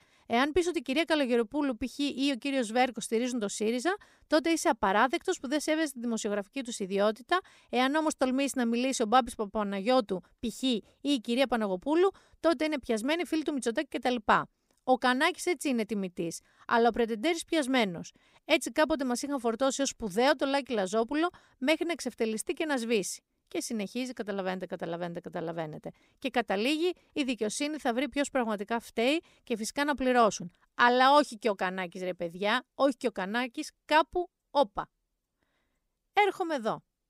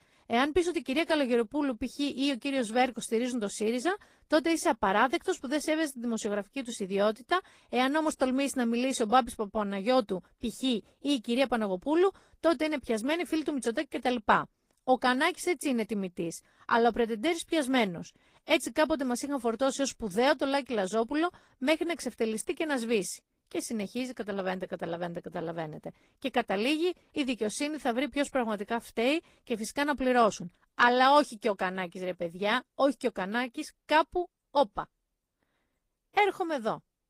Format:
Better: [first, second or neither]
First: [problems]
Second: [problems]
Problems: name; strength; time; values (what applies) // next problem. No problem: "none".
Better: first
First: none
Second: garbled, watery; slightly; nothing above 15.5 kHz